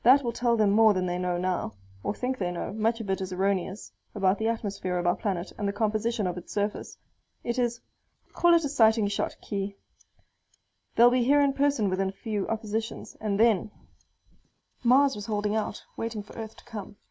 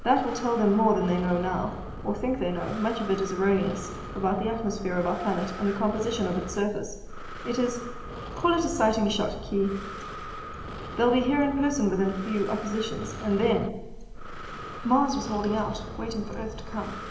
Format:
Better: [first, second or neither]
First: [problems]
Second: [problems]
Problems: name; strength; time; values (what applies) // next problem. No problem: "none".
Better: first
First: none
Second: background sound (Breathing); 10 dB below the speech // room echo; dies away in 0.8 s